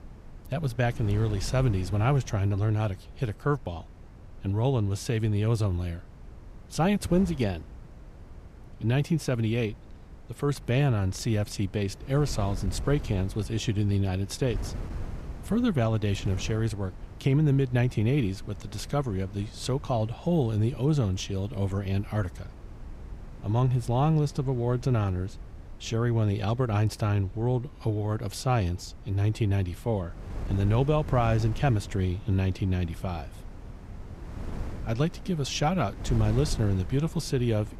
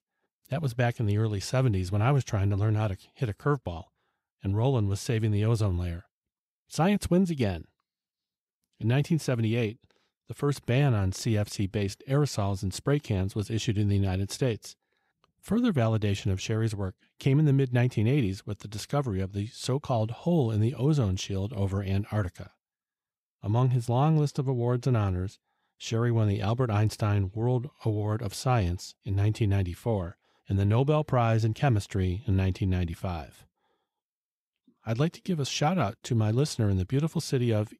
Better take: second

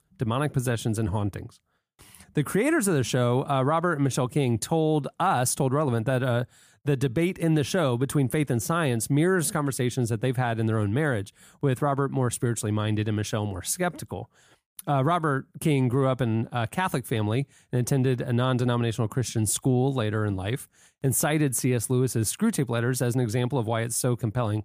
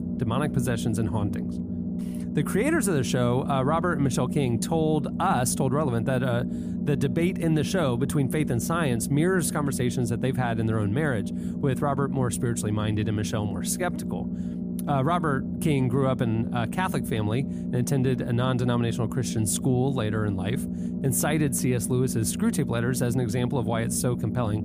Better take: first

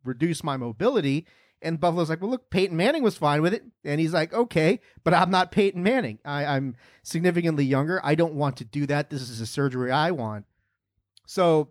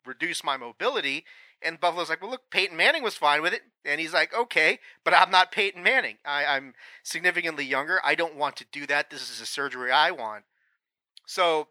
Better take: first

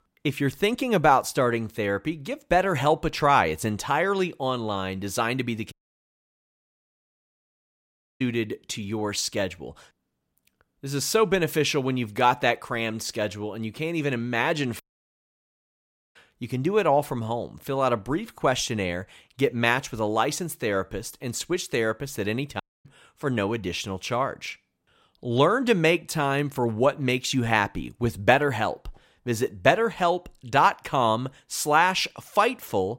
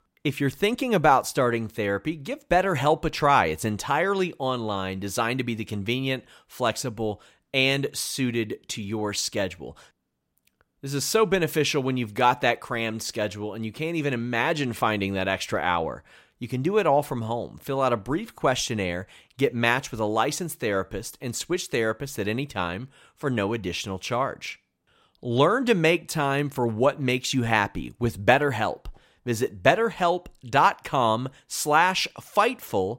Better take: second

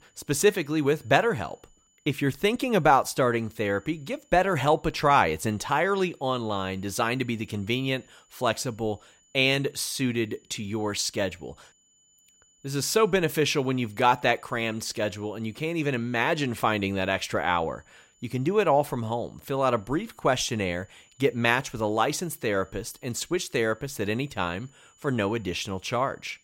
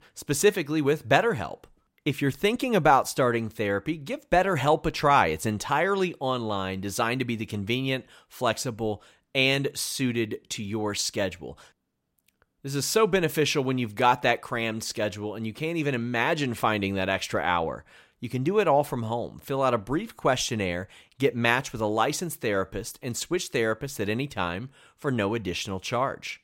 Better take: second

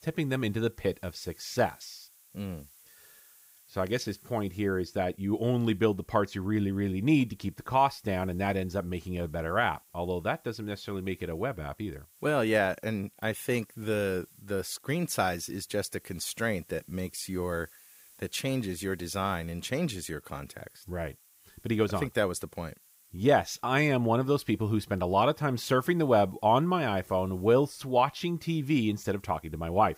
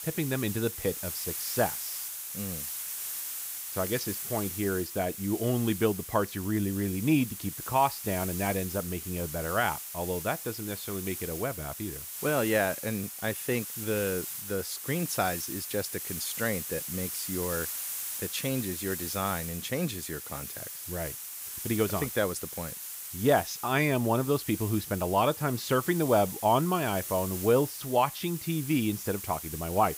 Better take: first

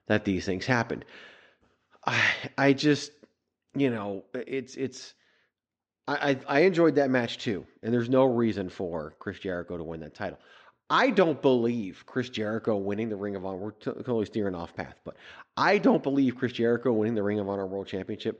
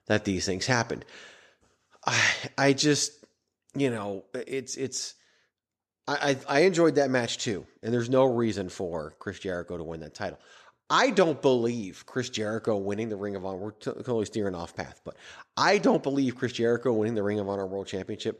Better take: second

